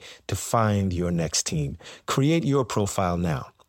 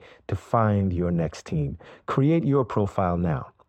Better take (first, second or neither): first